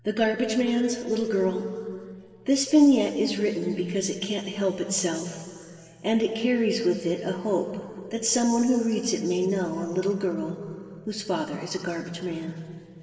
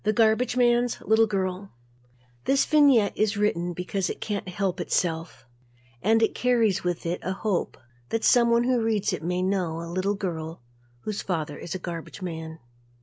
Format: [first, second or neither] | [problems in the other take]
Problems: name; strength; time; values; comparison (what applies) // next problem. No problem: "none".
second | room echo; dies away in 2.5 s